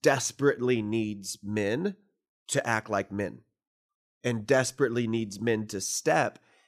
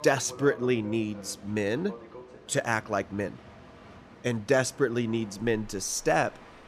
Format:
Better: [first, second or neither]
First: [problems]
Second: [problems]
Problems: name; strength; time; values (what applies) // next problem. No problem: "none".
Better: first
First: none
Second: train or aircraft noise; noticeable; throughout; 20 dB below the speech